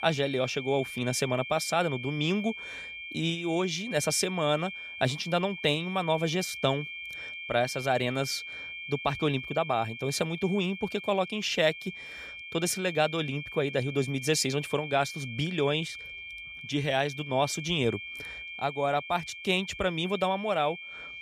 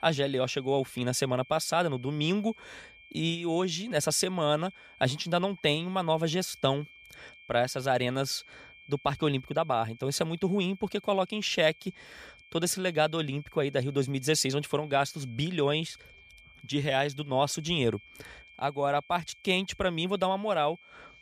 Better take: second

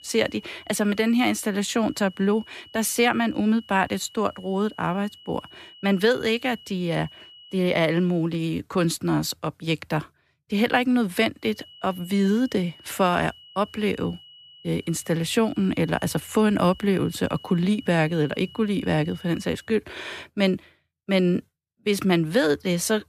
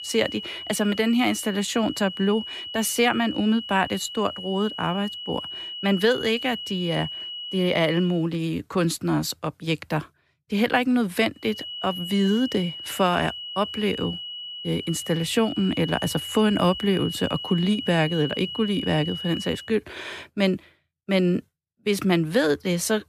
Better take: first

